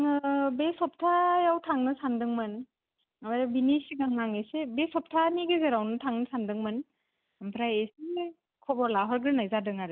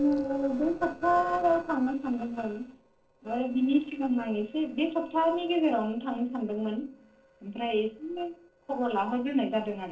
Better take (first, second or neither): first